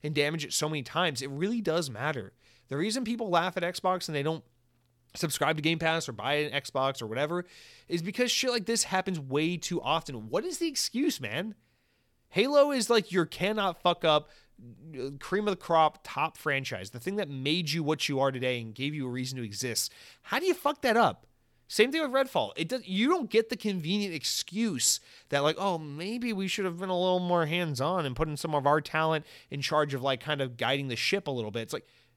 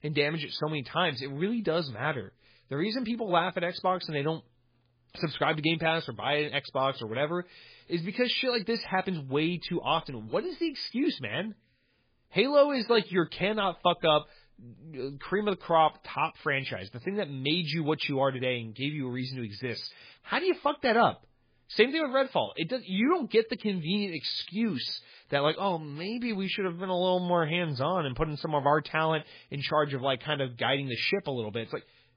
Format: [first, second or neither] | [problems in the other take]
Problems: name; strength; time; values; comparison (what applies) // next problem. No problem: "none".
first | garbled, watery; badly; nothing above 5 kHz